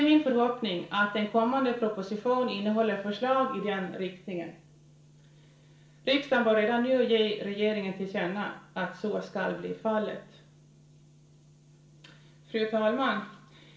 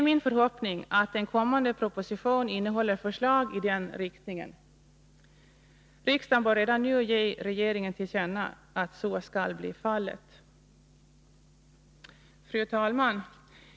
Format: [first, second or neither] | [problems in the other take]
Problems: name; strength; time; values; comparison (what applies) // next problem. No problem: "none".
second | room echo; dies away in 0.5 s